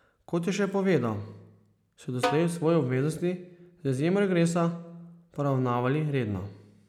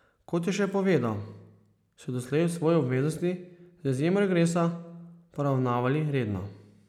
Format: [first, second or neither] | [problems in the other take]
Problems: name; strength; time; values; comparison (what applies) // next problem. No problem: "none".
second | background sound (Snare drum); 8 dB below the speech